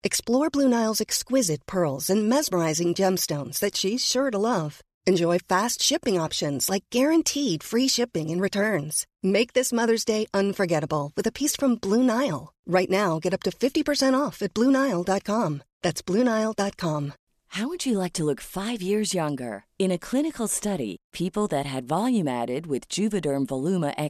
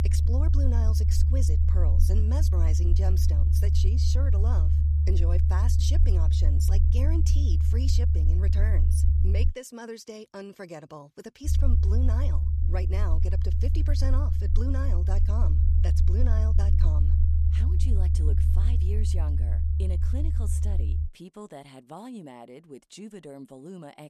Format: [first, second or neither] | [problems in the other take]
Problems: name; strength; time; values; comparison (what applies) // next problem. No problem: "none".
first | low rumble; loud; until 9.5 s and from 11 to 21 s; 1 dB below the speech